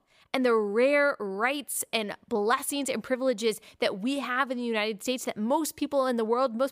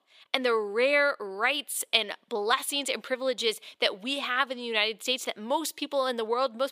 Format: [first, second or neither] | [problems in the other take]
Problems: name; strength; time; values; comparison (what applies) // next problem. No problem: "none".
first | thin; very slightly; fading below 350 Hz